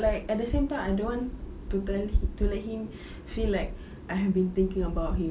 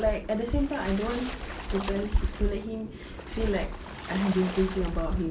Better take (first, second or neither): first